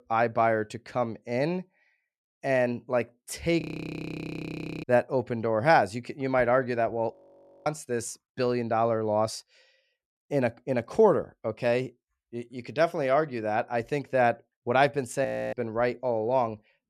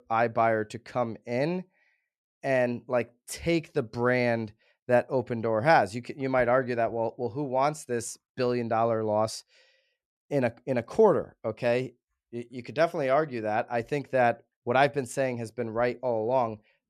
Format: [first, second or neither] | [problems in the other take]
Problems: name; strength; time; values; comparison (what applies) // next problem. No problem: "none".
second | audio freezing; at 3.5 s for 1 s, at 7 s for 0.5 s and at 15 s